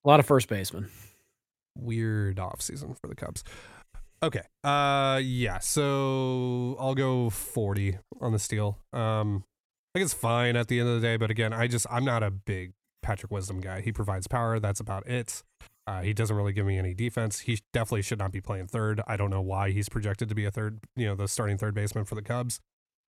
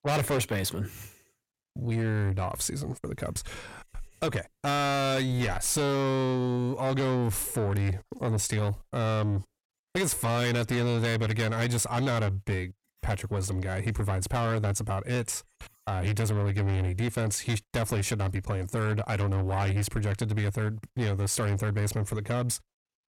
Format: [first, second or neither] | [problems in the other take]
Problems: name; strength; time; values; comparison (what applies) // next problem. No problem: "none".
first | distortion; heavy; 7 dB below the speech